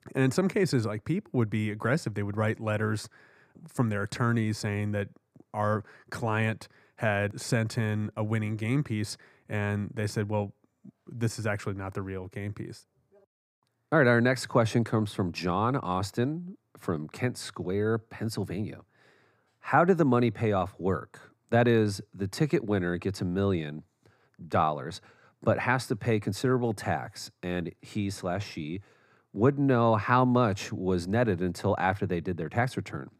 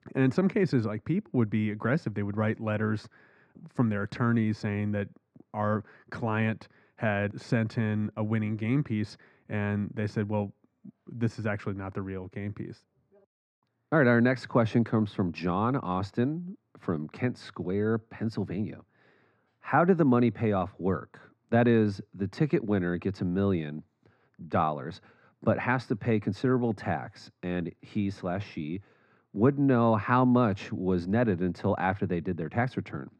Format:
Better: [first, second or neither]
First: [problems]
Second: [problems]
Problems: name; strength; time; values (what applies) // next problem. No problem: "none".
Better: first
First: none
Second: muffled; very slightly; fading above 3.5 kHz